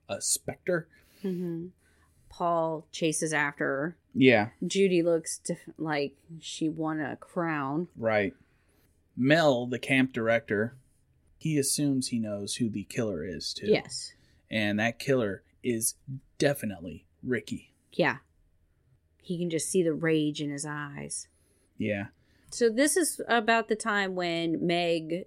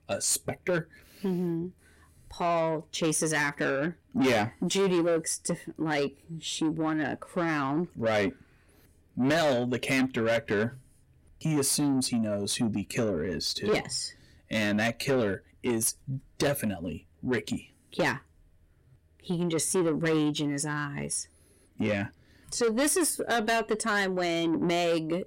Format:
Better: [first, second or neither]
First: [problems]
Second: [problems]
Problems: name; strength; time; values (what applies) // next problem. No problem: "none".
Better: first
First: none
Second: distortion; heavy; 8 dB below the speech